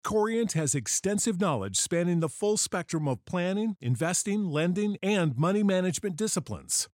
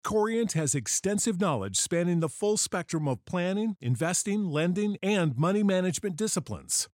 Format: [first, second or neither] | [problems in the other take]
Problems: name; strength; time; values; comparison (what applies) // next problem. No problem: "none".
neither | none